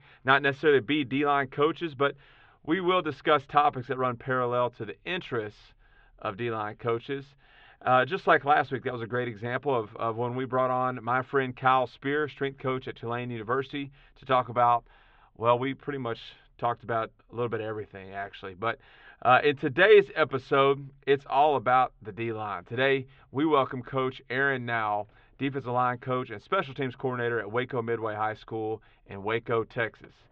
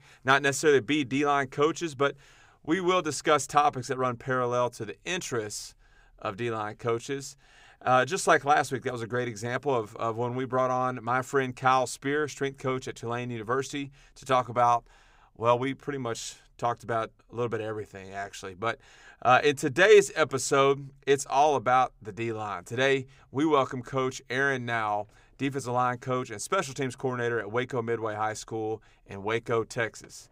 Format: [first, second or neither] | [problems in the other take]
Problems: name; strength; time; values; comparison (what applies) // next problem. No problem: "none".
second | muffled; very; fading above 3.5 kHz